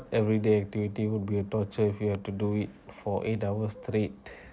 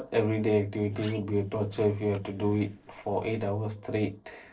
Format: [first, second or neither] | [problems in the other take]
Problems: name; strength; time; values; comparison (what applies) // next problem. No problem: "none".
first | noise reduction (neural separator model SepFormer DNS4)